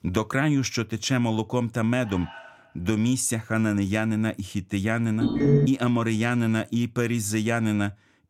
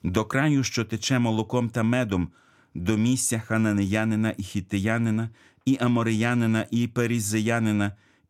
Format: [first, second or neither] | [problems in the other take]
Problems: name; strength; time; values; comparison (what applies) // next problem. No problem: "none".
second | alarm; faint; at 2 s; peak 15 dB below the speech // phone ringing; loud; at 5 s; peak 5 dB above the speech